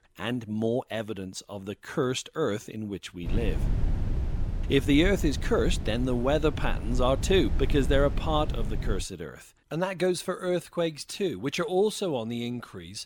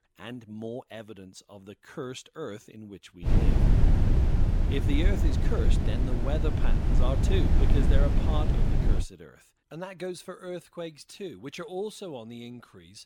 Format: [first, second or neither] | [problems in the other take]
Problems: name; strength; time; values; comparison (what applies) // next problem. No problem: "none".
first | wind noise on the microphone; heavy; from 3.5 to 9 s; 1 dB above the speech; occasional gusts in the first